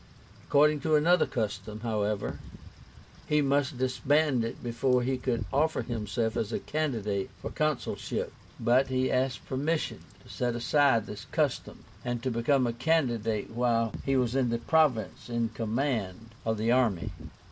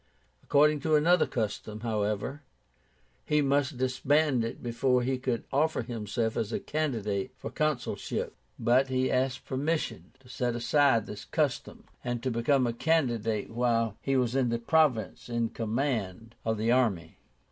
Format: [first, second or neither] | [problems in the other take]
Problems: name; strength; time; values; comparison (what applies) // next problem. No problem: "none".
second | background sound (Wind / Rain); 17 dB below the speech